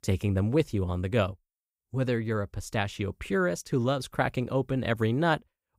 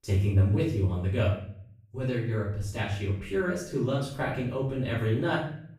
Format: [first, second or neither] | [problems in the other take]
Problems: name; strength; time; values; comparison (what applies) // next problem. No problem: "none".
first | off-mic speech; far // room echo; noticeable; dies away in 0.5 s